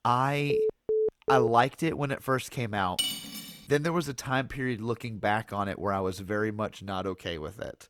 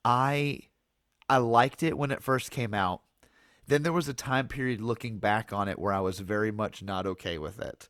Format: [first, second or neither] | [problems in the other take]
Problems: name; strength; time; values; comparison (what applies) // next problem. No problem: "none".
second | phone ringing; loud; at 0.5 s; peak 1 dB above the speech // clattering dishes; loud; at 3 s; peak level with the speech